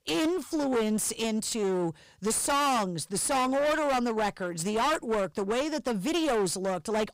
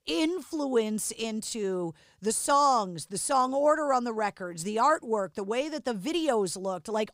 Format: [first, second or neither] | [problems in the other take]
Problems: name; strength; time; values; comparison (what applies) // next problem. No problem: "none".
second | distortion; heavy; 24% of the sound clipped